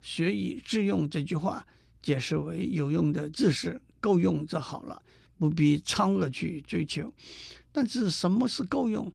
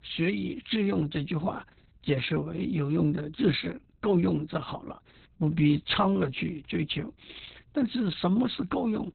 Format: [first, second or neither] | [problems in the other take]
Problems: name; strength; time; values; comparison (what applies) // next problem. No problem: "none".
first | garbled, watery; badly; nothing above 4 kHz; slightly in the first